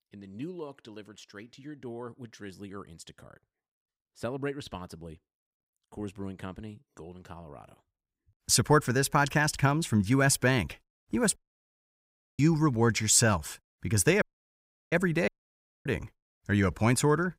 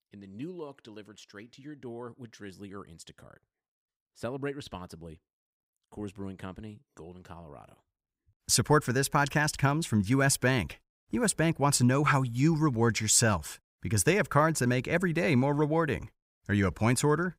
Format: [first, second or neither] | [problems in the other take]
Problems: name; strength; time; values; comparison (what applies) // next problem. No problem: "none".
second | audio cutting out; at 11 s for 1 s, at 14 s for 0.5 s and at 15 s for 0.5 s